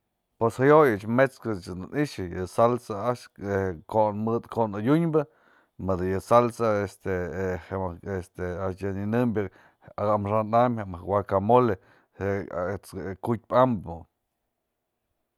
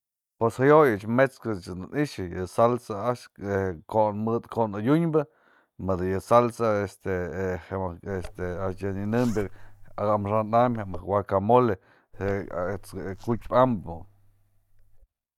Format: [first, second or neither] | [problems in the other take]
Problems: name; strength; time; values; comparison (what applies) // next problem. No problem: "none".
first | noise reduction (neural mask model DeepFilterNet 3)